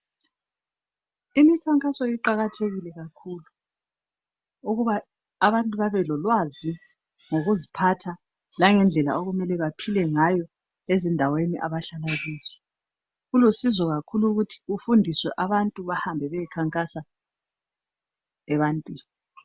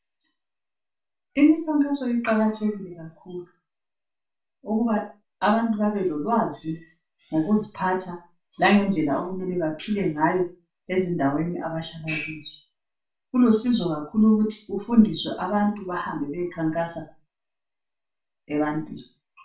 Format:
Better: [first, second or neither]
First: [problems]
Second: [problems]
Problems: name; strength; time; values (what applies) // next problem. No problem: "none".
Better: first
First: none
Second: room echo; dies away in 0.3 s